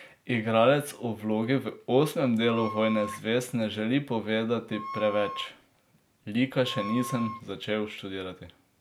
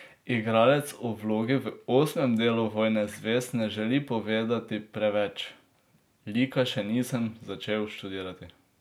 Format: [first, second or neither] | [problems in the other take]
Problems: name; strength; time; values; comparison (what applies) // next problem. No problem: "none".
second | background sound (Wind instrument, woodwind instrument); 12 dB below the speech